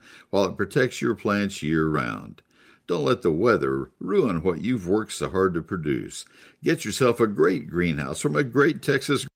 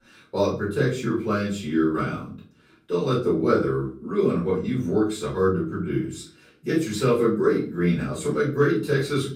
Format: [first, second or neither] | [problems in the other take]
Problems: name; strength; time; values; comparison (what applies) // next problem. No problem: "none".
first | room echo; slight; dies away in 0.4 s // off-mic speech; far